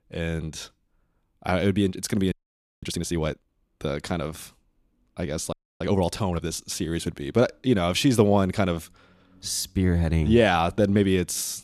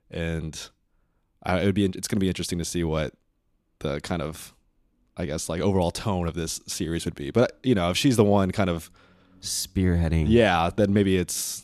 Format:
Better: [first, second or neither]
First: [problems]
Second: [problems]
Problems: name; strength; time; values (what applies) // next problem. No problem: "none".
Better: second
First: audio freezing; at 2.5 s for 0.5 s and at 5.5 s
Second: none